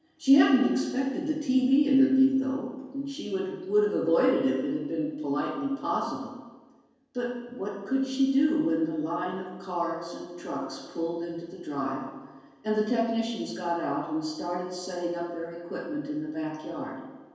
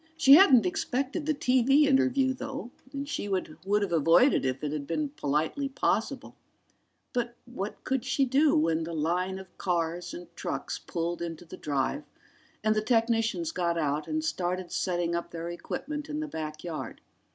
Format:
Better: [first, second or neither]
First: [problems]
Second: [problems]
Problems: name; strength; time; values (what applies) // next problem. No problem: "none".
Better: second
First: room echo; dies away in 1.2 s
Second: none